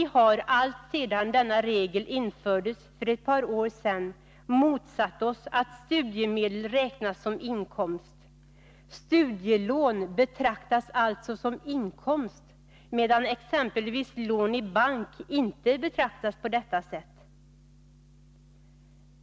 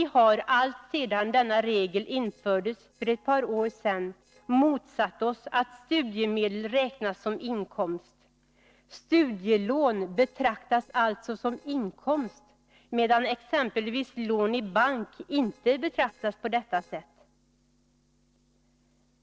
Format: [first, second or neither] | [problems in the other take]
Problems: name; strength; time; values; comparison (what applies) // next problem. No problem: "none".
first | noise reduction (neural separator model SepFormer DNS4)